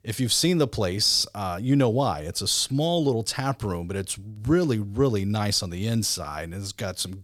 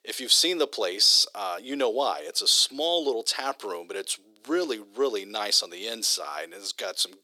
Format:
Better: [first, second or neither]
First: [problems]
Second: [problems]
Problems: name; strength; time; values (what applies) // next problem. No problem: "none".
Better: first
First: none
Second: thin; very; fading below 350 Hz